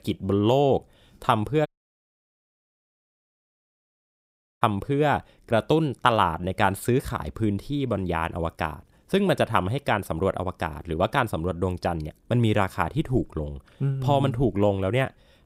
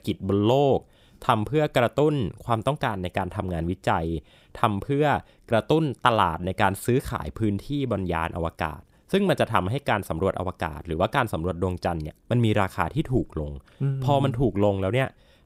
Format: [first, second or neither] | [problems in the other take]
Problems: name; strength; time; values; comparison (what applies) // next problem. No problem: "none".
second | audio cutting out; at 1.5 s for 3 s